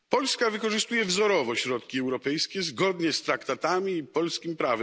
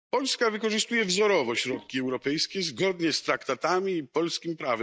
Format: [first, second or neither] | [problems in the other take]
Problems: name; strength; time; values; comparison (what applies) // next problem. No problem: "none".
first | noise reduction (neural mask model DeepFilterNet 3)